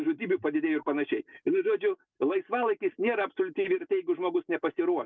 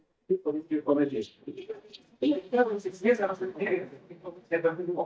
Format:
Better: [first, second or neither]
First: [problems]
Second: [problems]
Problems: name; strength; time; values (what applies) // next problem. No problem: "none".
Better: first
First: none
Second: noise reduction (neural mask model DeepFilterNet 3)